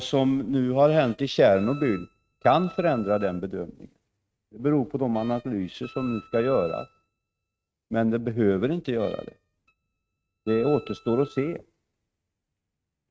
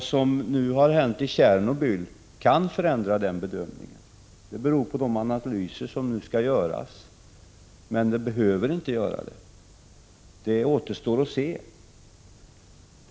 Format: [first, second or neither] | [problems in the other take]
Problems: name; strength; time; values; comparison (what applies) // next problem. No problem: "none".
second | noise reduction (neural mask model RNNoise)